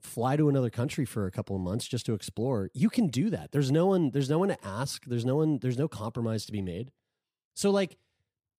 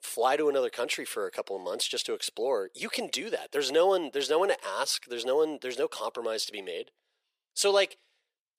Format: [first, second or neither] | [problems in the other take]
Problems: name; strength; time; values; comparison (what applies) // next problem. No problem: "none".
first | thin; very; fading below 450 Hz